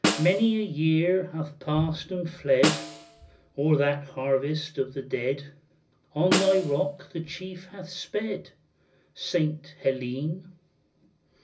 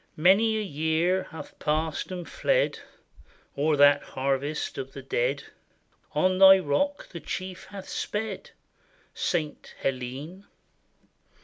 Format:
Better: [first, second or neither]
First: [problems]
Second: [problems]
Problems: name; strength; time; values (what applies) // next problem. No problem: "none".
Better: second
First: background sound (Snare drum); 5 dB below the speech // room echo; dies away in 0.4 s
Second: none